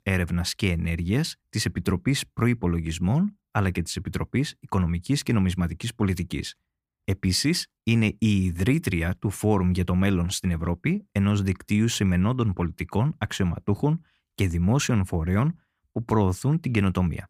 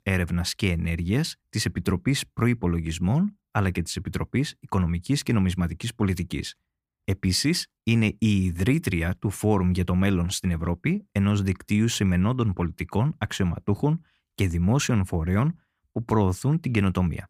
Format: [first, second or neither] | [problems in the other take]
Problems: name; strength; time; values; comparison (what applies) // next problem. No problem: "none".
neither | none